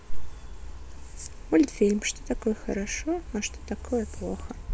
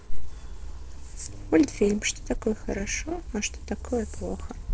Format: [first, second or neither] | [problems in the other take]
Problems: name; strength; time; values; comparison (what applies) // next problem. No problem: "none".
first | noise reduction (neural separator model SepFormer DNS4)